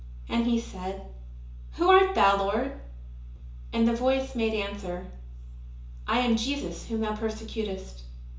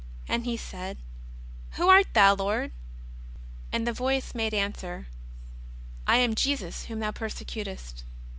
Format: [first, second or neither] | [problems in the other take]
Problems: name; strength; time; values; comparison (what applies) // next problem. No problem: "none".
second | room echo; dies away in 0.7 s